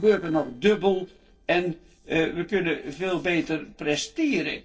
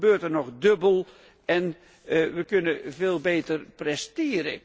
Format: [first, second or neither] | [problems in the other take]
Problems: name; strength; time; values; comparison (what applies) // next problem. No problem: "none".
second | noise reduction (neural separator model SepFormer DNS4)